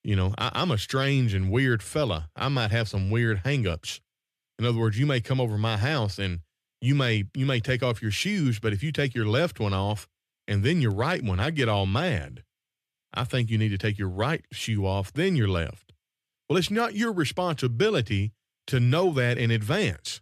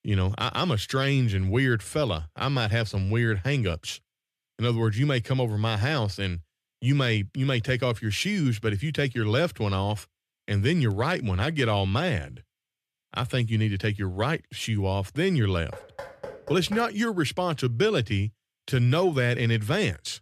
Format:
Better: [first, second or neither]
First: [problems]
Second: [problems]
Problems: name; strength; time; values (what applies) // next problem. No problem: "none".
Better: first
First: none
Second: door banging; faint; from 16 to 17 s; peak 15 dB below the speech